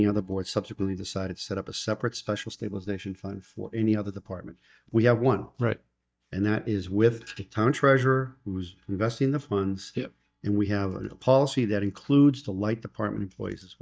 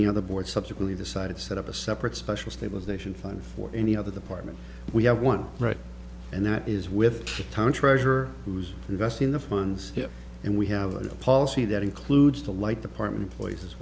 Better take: second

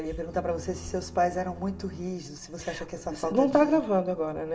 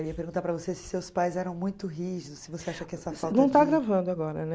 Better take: second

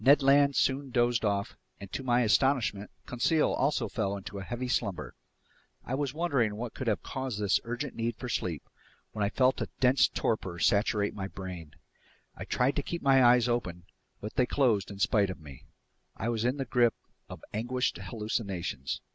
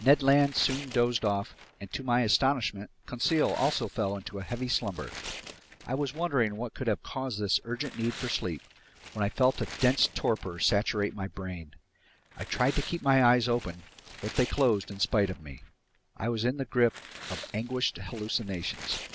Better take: first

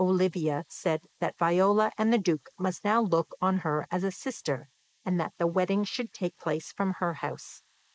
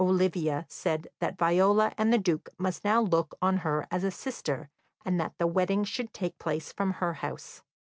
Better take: second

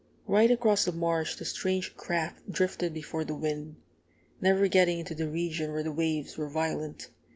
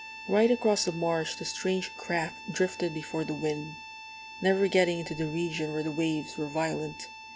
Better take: first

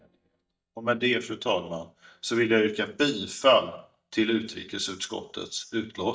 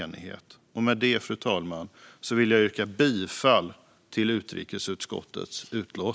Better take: second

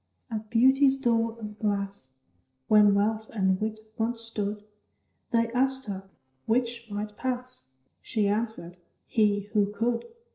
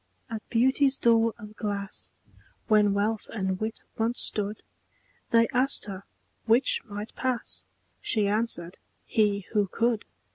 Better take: second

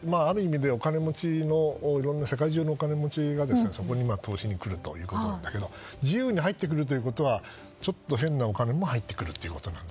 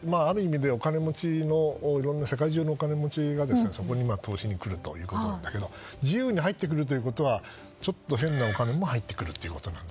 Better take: first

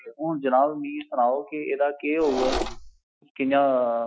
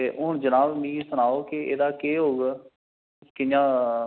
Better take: second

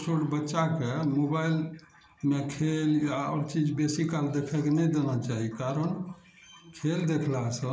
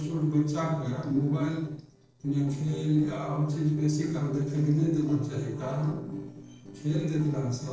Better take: first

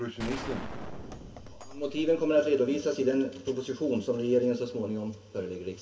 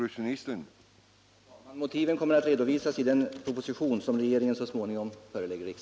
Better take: second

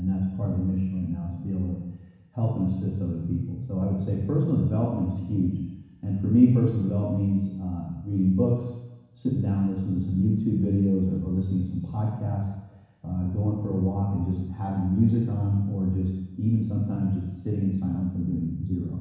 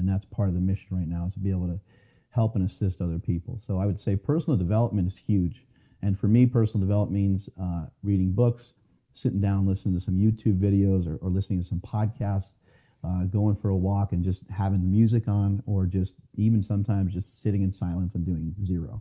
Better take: second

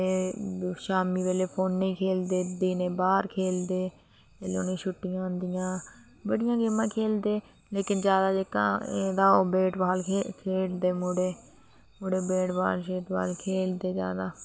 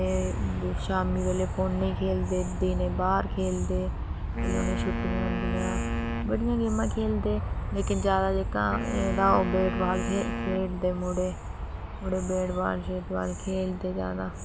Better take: first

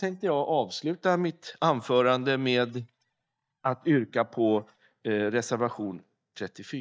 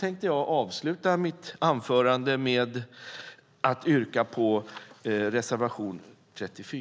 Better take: second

